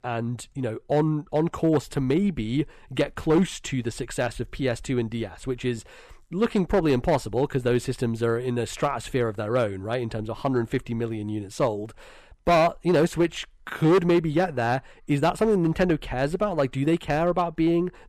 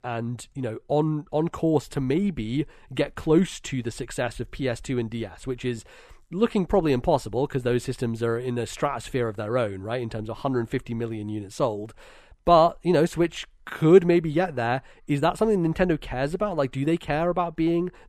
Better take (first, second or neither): second